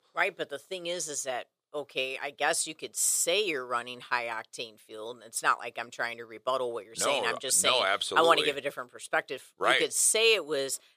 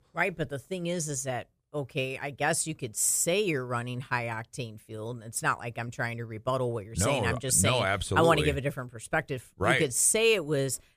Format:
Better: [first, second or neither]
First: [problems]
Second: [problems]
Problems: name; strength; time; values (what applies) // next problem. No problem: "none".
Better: second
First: thin; very; fading below 450 Hz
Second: none